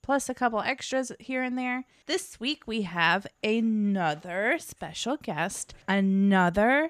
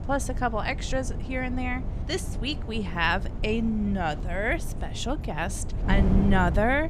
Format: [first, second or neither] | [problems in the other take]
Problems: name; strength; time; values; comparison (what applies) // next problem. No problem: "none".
first | wind noise on the microphone; occasional gusts; 15 dB below the speech